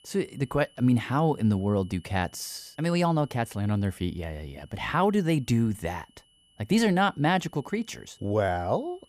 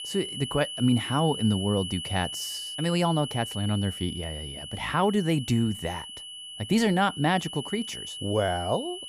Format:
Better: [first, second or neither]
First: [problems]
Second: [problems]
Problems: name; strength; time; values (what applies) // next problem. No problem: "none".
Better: first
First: high-pitched whine; faint; throughout; 3 kHz, 30 dB below the speech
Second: high-pitched whine; loud; throughout; 3 kHz, 8 dB below the speech